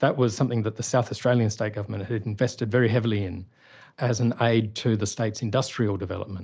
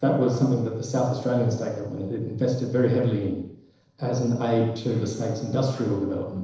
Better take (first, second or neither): first